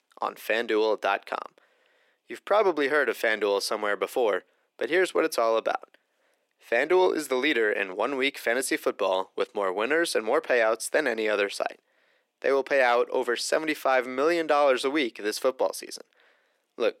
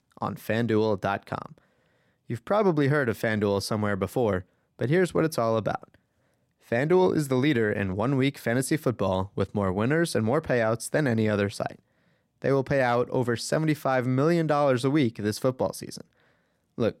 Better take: second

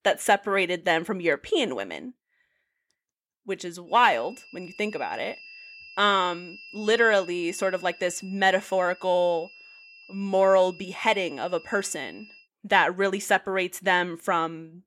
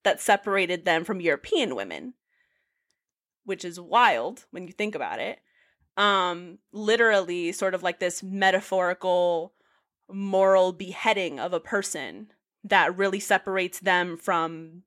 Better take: second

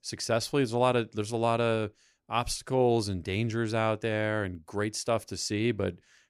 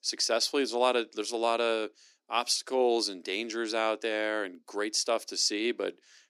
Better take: first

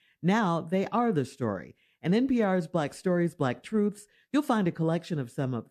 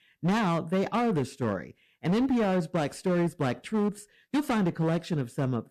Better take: first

